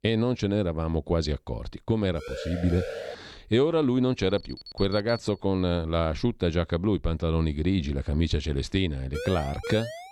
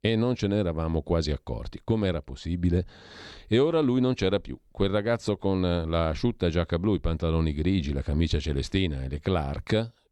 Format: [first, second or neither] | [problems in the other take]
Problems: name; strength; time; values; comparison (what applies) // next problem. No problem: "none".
second | siren; noticeable; at 2 s and at 9 s; peak 8 dB below the speech // alarm; faint; from 4 to 5.5 s; peak 10 dB below the speech